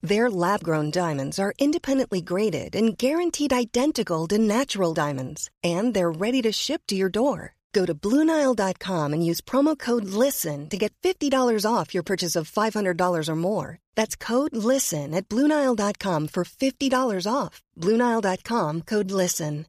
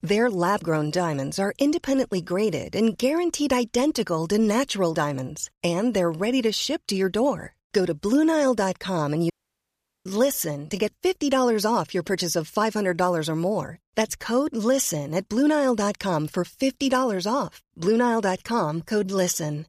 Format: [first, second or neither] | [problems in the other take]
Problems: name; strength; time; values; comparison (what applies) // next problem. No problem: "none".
first | audio cutting out; at 9.5 s for 1 s